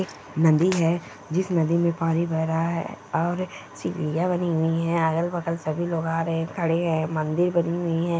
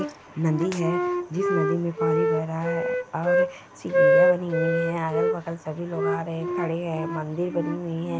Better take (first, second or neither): first